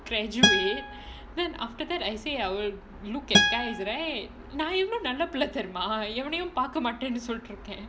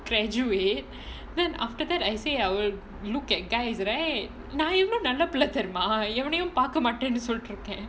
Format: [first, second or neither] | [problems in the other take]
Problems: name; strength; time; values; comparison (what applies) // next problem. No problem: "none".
second | background sound (Acoustic guitar); 3 dB above the speech